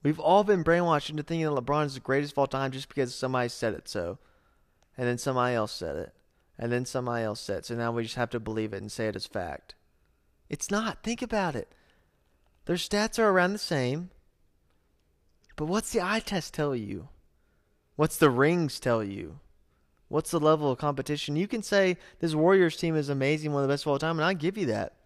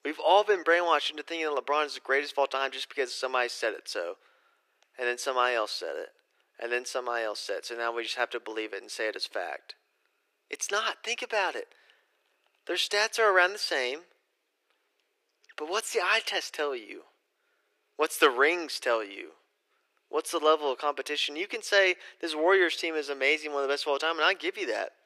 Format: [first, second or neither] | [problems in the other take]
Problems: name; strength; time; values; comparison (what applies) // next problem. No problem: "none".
first | thin; very; fading below 350 Hz